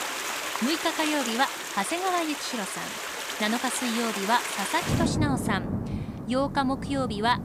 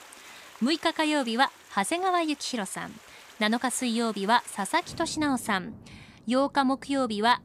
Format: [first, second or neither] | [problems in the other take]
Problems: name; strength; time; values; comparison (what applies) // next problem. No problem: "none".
second | rain or running water; loud; throughout; 2 dB below the speech; faint in the second